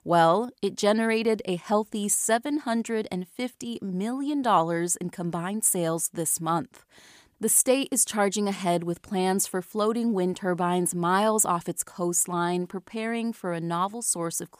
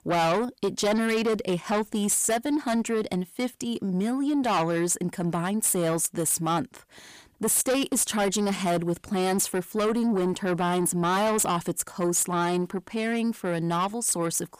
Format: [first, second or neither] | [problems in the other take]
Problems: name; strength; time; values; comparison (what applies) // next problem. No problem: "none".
first | distortion; heavy; 7 dB below the speech